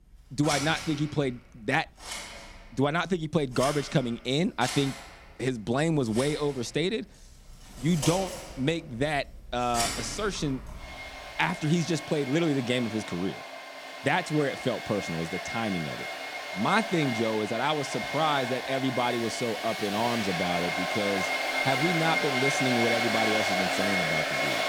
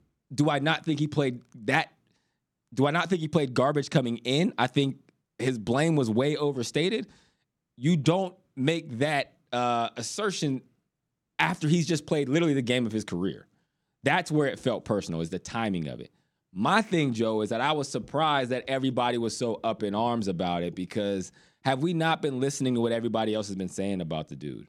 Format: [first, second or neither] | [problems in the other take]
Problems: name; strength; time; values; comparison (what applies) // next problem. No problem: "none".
second | household noises; loud; throughout; 2 dB below the speech